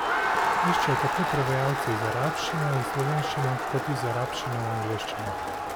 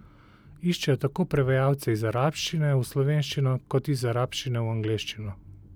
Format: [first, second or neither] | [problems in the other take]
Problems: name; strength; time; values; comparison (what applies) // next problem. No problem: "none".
second | background sound (Crowd); 2 dB above the speech